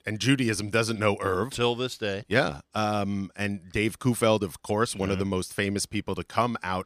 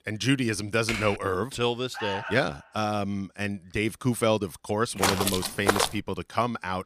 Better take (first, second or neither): first